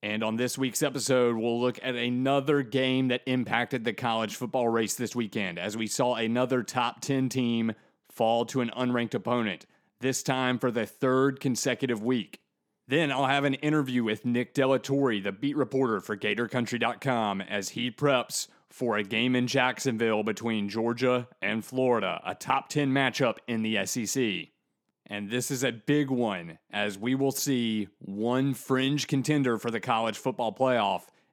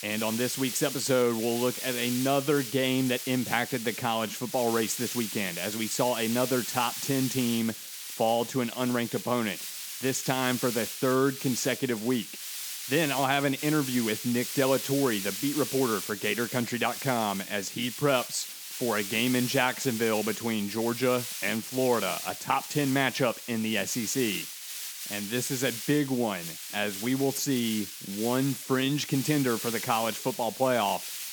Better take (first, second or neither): first